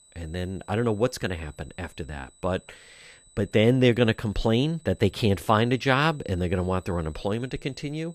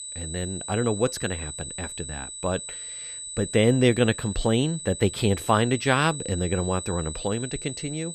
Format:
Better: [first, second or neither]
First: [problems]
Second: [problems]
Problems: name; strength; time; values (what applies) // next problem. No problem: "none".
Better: first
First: high-pitched whine; faint; throughout; 8 kHz, 30 dB below the speech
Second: high-pitched whine; loud; throughout; 8 kHz, 9 dB below the speech